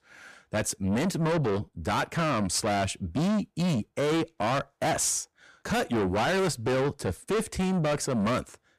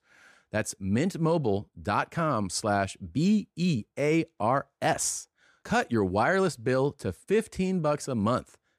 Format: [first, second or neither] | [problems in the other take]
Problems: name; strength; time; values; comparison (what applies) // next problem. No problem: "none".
second | distortion; heavy; 6 dB below the speech